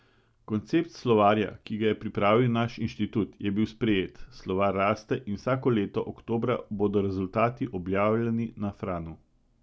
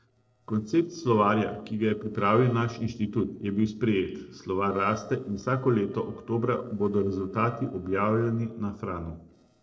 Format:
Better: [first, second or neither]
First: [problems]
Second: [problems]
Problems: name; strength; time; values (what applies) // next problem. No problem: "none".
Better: first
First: none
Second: noise reduction (neural separator model SepFormer DNS4)